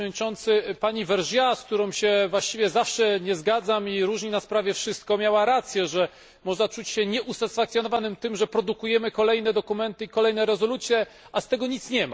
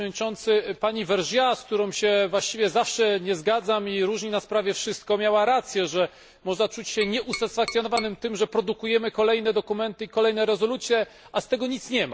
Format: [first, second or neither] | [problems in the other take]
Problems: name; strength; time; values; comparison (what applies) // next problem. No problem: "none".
first | background sound (Tap); 12 dB below the speech